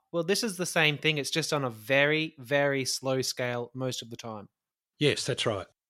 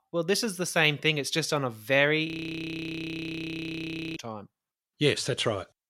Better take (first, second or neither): first